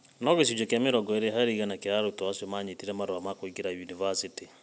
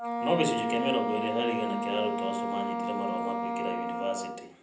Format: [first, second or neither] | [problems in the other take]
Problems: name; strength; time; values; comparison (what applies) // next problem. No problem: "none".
first | background sound (Wind instrument, woodwind instrument); 1 dB above the speech // room echo; dies away in 0.6 s